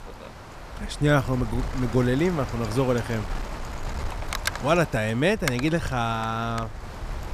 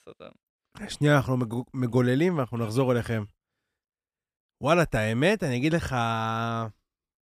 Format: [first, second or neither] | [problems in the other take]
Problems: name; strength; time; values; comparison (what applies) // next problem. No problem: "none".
second | wind noise on the microphone; heavy; 9 dB below the speech